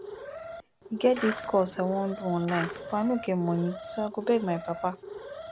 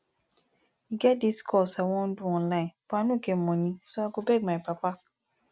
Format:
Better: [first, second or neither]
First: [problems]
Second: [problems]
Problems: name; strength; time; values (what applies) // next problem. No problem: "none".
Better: second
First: background sound (Skateboard + Alarm); 10 dB below the speech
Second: none